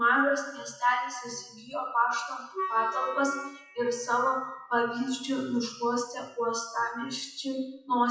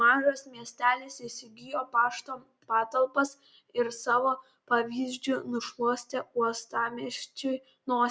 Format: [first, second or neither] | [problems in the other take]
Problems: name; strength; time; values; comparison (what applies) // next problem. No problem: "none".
second | noise reduction (classical method WPE with log-MMSE)